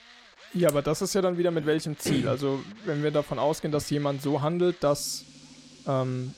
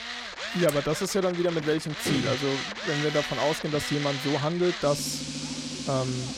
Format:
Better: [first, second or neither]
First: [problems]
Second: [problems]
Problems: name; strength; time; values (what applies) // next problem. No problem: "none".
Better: first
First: machinery noise; faint; throughout; 20 dB below the speech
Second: machinery noise; loud; throughout; 5 dB below the speech